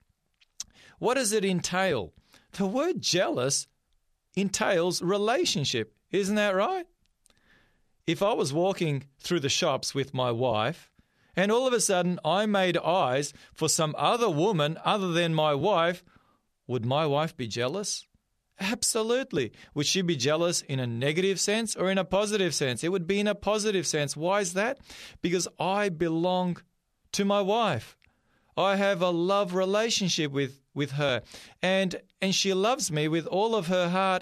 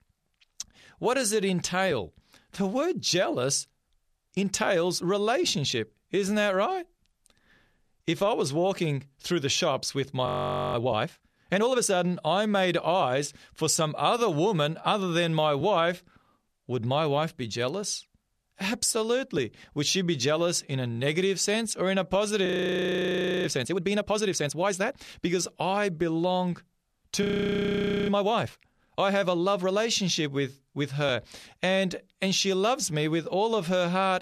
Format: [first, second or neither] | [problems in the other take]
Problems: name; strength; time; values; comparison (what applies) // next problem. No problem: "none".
first | audio freezing; at 10 s, at 22 s for 1 s and at 27 s for 1 s